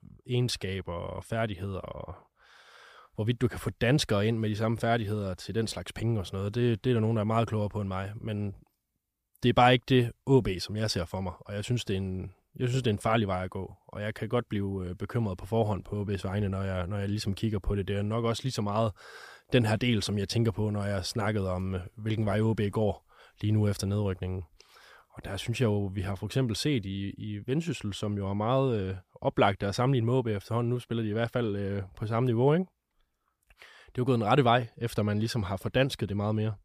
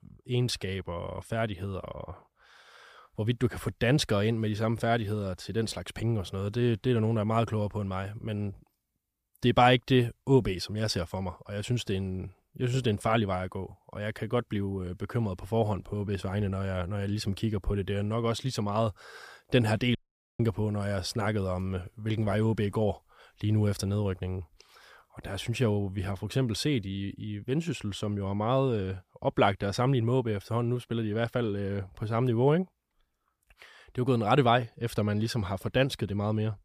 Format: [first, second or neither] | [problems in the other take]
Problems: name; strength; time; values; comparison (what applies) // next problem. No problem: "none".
first | audio cutting out; at 20 s